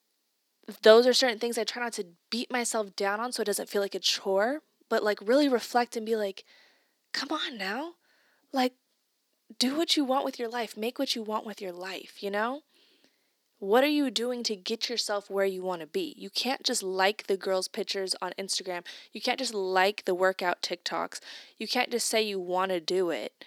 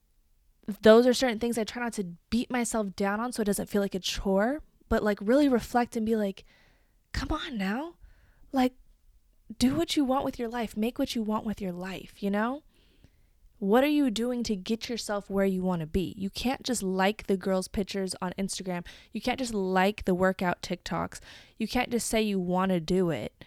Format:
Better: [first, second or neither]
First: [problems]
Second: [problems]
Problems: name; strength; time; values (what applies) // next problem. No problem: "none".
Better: second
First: thin; very slightly; fading below 300 Hz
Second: none